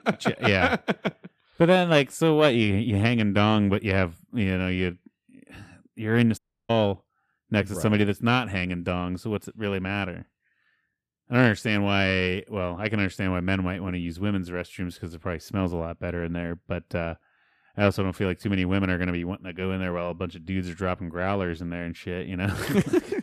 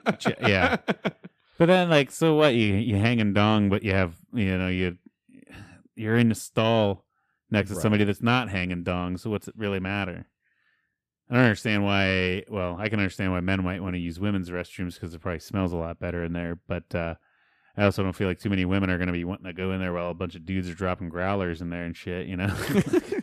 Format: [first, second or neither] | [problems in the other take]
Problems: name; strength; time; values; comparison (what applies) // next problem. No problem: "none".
second | audio cutting out; at 6.5 s